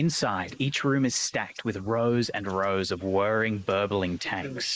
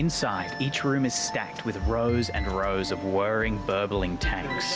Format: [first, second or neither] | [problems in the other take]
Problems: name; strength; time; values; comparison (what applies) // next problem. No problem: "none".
second | noise reduction (neural mask model Resemble Enhance denoiser)